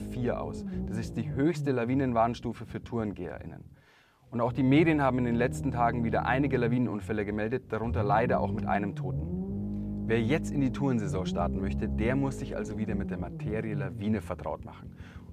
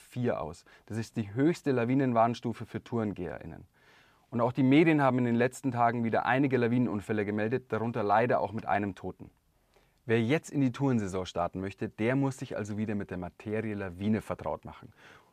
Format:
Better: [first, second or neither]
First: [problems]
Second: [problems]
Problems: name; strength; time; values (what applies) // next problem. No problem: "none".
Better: second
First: low rumble; noticeable; throughout; 15 dB below the speech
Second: none